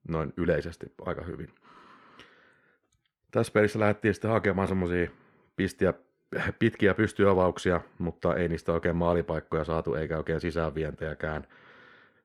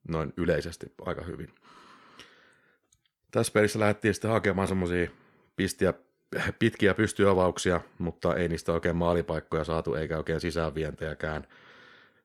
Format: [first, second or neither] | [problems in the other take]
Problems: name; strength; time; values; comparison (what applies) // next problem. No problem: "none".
second | muffled; slightly; fading above 3.5 kHz